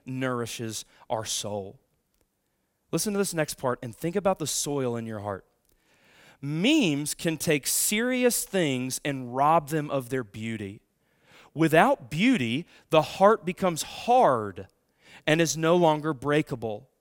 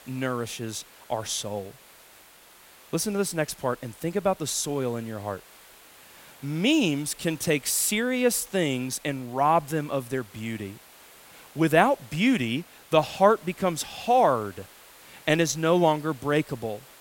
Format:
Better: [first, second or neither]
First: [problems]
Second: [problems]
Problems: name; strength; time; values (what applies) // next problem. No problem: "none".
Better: first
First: none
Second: hiss; faint; throughout; 25 dB below the speech